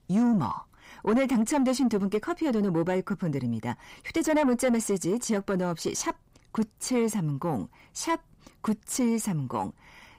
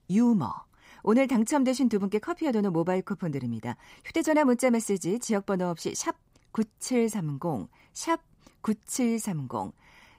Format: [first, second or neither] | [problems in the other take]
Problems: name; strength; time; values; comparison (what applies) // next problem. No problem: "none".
second | distortion; slight; 10 dB below the speech